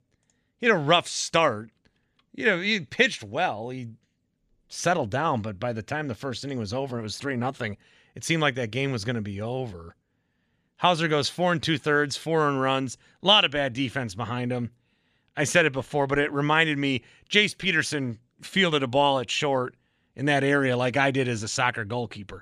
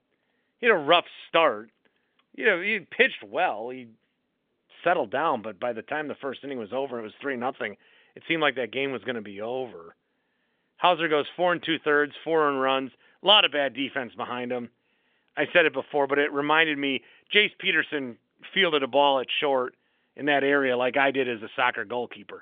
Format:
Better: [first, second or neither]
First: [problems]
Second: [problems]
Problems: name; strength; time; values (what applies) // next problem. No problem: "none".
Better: first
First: none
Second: phone-call audio; nothing above 3.5 kHz